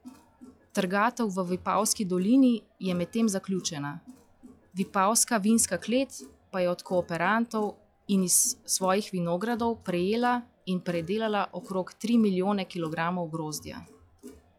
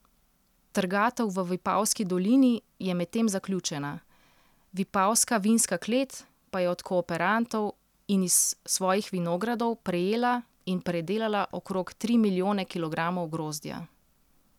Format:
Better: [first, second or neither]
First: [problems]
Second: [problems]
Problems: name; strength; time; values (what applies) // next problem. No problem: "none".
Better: second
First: noise reduction (classical method log-MMSE)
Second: none